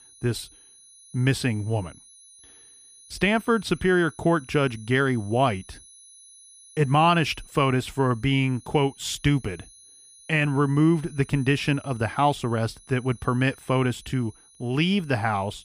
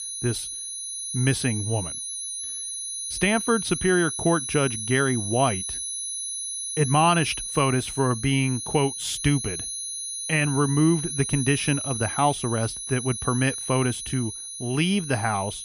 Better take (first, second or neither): first